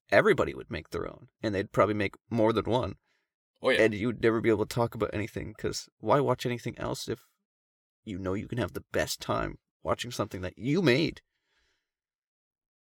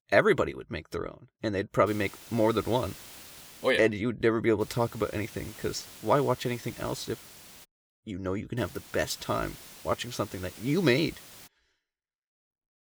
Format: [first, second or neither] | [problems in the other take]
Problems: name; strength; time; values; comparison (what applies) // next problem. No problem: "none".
first | hiss; noticeable; from 2 to 3.5 s, from 4.5 to 7.5 s and from 8.5 to 11 s; 15 dB below the speech